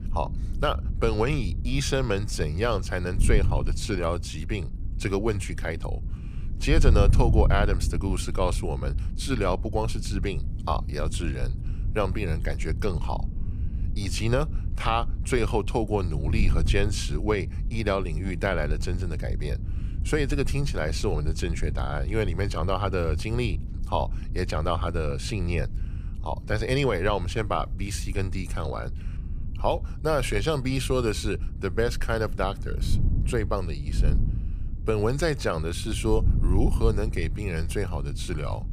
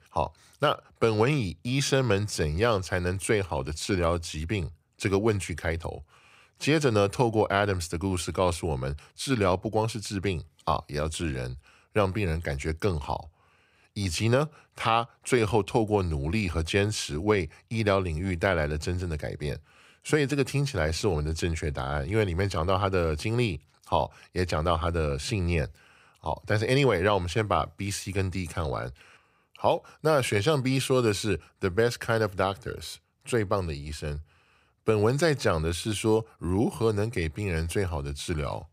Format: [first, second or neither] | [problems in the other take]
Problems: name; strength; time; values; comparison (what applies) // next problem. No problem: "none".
second | wind noise on the microphone; occasional gusts; 15 dB below the speech